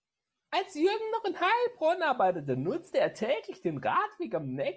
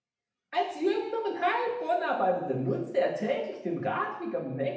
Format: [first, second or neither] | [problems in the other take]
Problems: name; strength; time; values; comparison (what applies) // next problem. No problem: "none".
first | room echo; dies away in 0.8 s